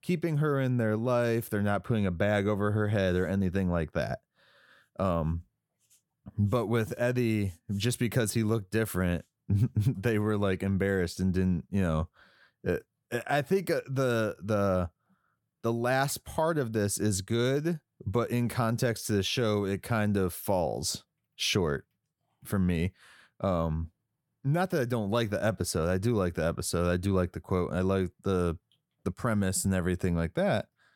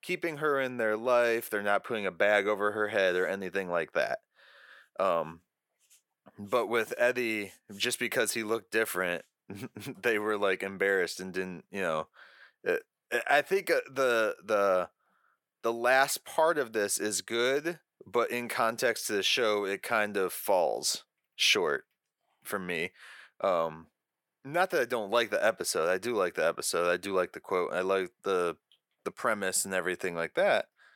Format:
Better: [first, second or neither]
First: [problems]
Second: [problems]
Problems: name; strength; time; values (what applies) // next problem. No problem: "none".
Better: first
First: none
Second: thin; very; fading below 500 Hz